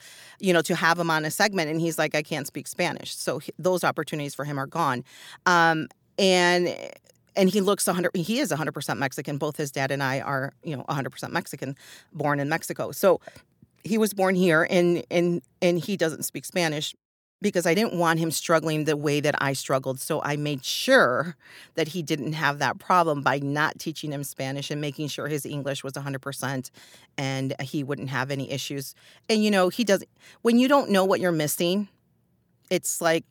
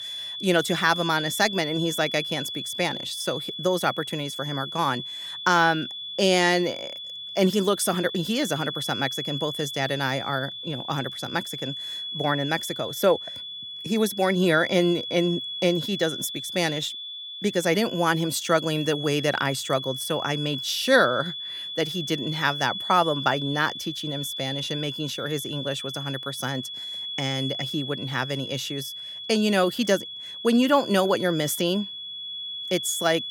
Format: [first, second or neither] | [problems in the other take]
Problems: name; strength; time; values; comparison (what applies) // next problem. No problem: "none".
first | high-pitched whine; loud; throughout; 3.5 kHz, 7 dB below the speech